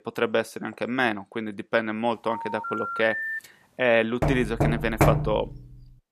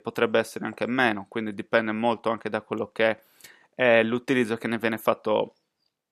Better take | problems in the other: second | phone ringing; noticeable; from 2.5 to 3.5 s; peak 2 dB below the speech // door banging; loud; from 4 to 5.5 s; peak 4 dB above the speech

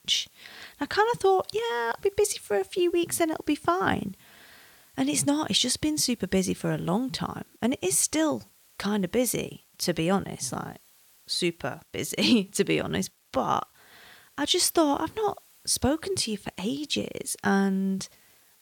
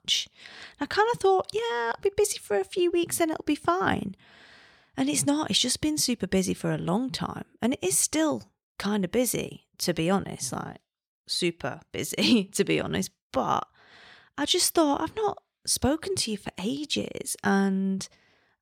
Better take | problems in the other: second | hiss; faint; throughout; 30 dB below the speech

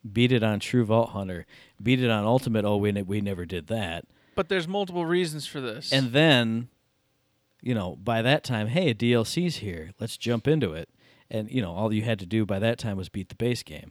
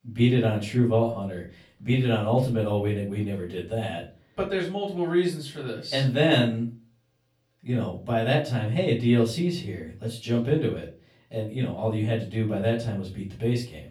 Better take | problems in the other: first | off-mic speech; far // room echo; slight; dies away in 0.3 s

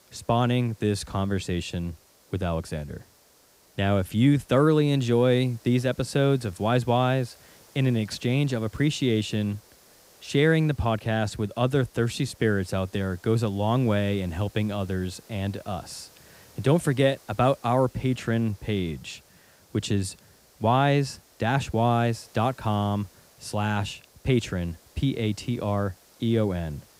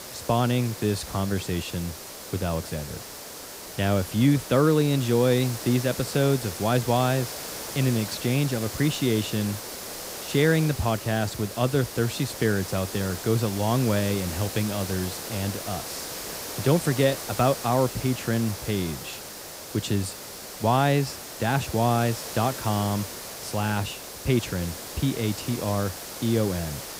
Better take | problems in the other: first | hiss; loud; throughout; 9 dB below the speech; faint in the first

